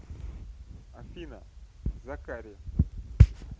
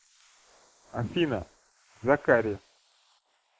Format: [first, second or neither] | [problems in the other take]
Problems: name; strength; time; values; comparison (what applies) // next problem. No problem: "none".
first | noise reduction (neural mask model Resemble Enhance denoiser)